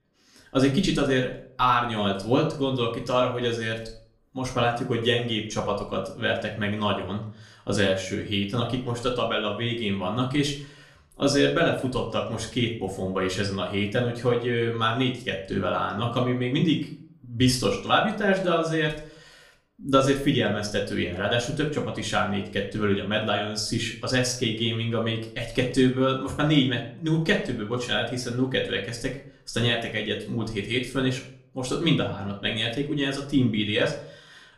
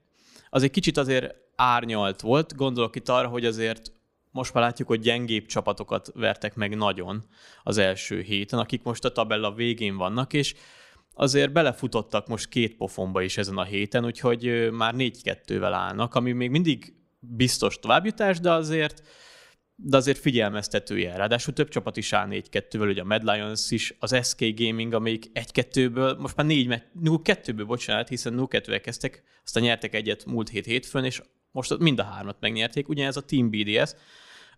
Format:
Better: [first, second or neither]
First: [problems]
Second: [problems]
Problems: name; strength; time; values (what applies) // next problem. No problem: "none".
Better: second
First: off-mic speech; far // room echo; slight; dies away in 0.4 s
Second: none